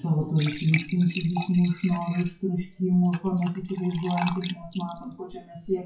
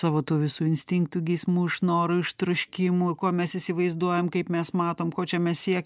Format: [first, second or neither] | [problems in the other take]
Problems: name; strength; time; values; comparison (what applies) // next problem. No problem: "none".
second | noise reduction (classical method WPE with log-MMSE)